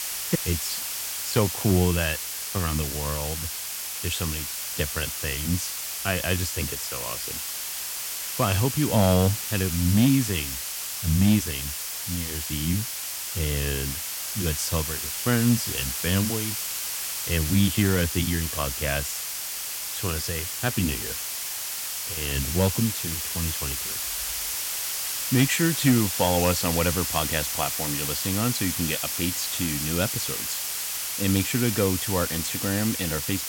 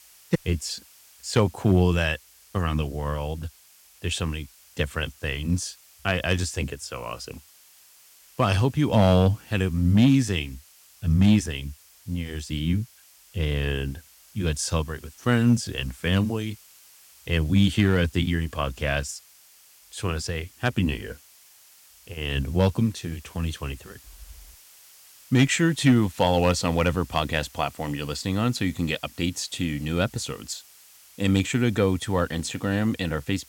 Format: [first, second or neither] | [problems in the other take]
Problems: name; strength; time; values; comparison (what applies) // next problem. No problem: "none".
second | hiss; loud; throughout; 1 dB below the speech; faint in the second